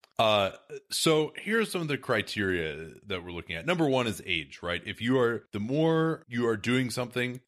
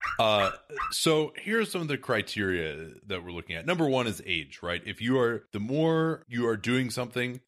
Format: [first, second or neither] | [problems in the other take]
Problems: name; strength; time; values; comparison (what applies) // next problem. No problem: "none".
first | dog barking; noticeable; at the start; peak 5 dB below the speech